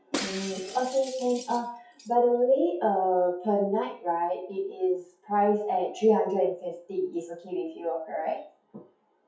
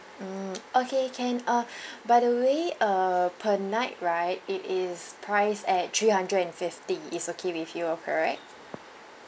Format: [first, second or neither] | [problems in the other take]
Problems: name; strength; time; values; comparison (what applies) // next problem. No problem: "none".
second | noise reduction (classical method WPE with log-MMSE)